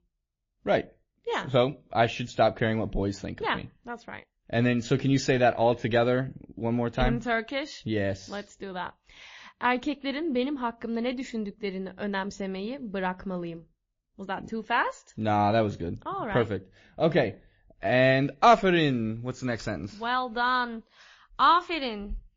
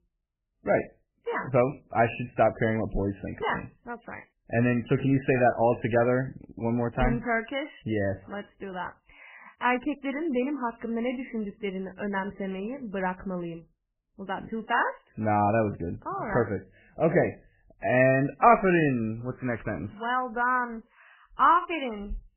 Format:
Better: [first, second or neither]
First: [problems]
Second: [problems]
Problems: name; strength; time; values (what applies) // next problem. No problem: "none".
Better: first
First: garbled, watery; slightly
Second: garbled, watery; badly; nothing above 3 kHz